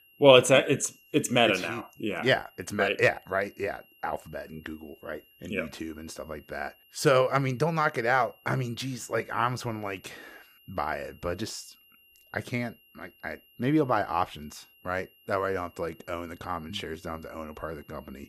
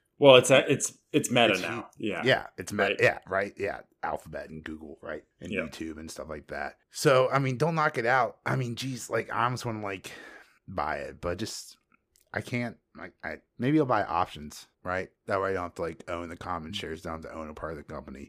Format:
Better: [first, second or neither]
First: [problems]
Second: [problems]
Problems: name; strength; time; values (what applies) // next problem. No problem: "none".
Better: second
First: high-pitched whine; faint; throughout; 3 kHz, 30 dB below the speech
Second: none